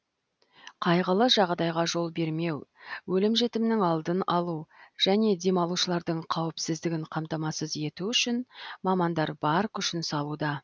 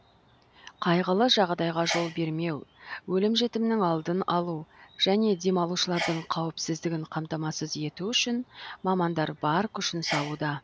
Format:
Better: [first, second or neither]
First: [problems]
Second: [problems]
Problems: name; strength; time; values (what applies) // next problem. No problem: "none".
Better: first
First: none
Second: background sound (Sneeze); 15 dB below the speech